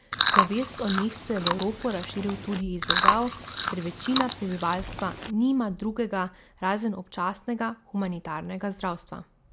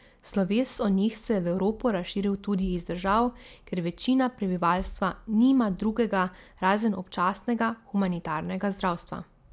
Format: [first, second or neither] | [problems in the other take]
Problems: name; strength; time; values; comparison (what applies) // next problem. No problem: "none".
second | background sound (Chewing, mastication); 1 dB above the speech